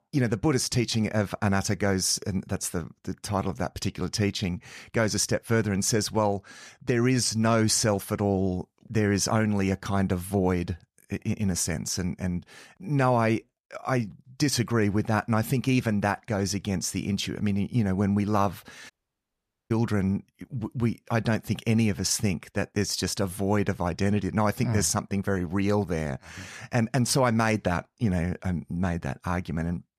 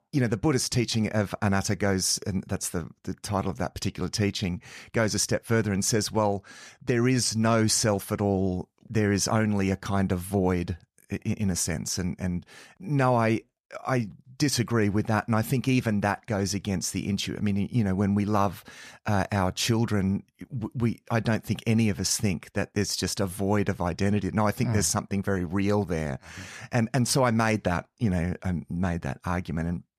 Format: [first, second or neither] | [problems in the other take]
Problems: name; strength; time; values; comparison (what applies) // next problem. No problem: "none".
second | audio cutting out; at 19 s for 1 s